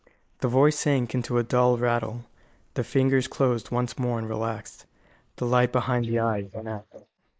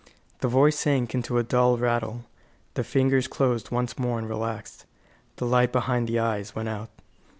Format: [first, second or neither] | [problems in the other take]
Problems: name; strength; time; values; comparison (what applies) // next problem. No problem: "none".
second | noise reduction (neural mask model Resemble Enhance denoiser)